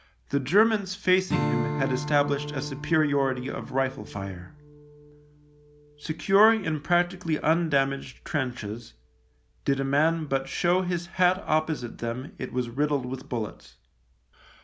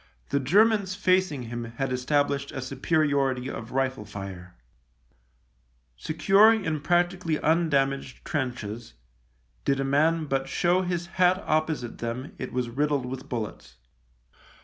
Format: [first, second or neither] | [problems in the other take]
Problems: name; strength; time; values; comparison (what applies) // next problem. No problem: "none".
second | background sound (Strum); 11 dB below the speech